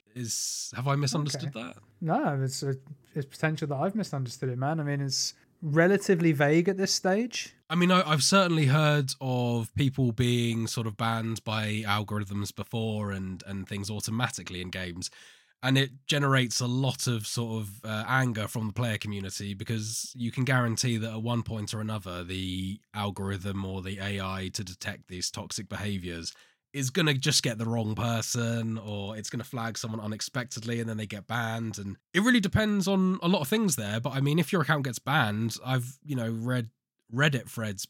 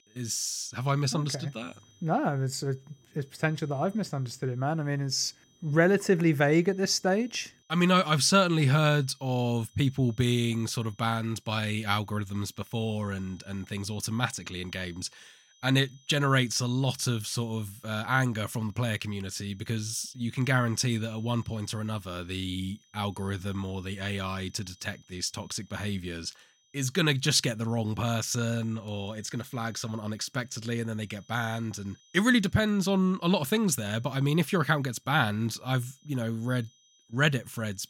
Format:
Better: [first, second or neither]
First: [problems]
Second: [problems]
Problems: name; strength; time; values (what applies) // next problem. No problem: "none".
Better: first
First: none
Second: high-pitched whine; faint; throughout; 3 kHz, 30 dB below the speech